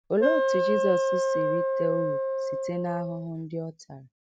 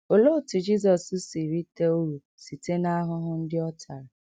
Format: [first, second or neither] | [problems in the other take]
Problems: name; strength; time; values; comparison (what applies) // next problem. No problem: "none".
second | background sound (Wind instrument, woodwind instrument); 4 dB above the speech